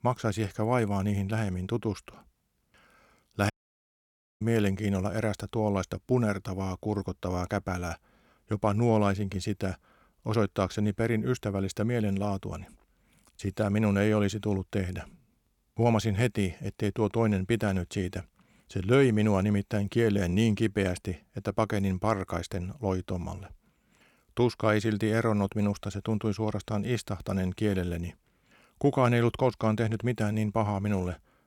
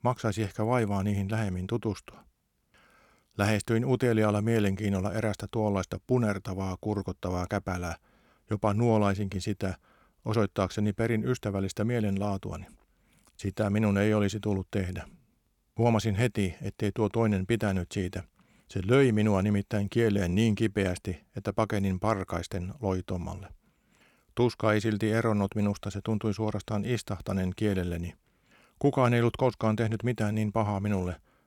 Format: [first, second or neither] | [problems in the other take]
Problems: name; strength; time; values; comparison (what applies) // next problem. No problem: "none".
second | audio cutting out; at 3.5 s for 1 s